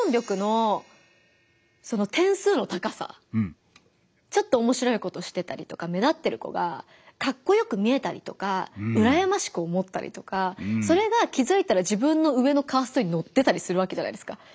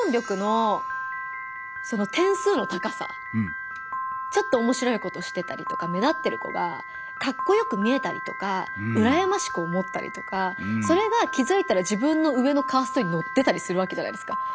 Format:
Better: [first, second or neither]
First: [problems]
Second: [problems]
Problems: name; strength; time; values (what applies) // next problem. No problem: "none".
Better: first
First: none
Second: background sound (Piano); 7 dB below the speech